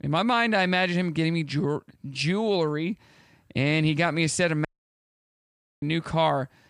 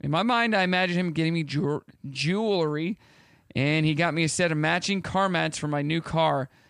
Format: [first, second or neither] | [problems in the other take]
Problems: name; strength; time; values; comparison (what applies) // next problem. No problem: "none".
second | audio cutting out; at 4.5 s for 1 s